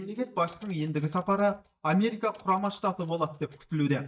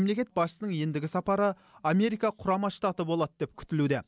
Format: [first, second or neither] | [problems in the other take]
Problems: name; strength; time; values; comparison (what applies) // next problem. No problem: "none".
second | noise reduction (neural mask model DeepFilterNet 3)